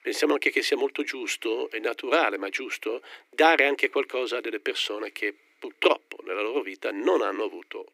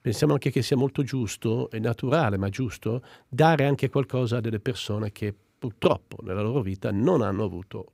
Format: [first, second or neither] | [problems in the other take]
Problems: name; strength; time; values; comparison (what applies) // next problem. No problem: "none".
second | thin; somewhat; fading below 300 Hz